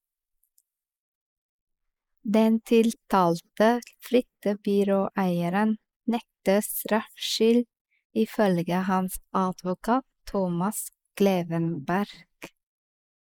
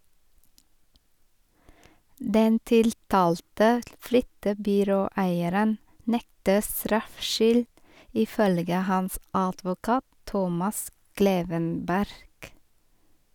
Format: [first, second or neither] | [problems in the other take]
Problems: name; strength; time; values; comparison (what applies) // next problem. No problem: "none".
second | noise reduction (neural mask model Resemble Enhance denoiser)